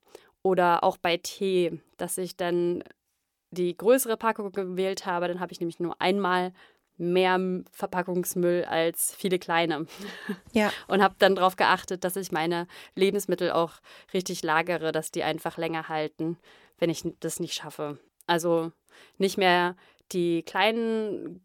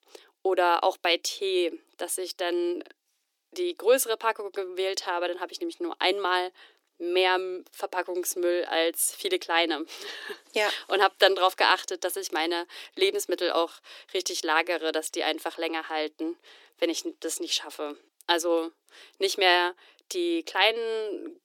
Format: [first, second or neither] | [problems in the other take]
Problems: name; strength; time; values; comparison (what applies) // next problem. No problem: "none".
first | thin; very; fading below 300 Hz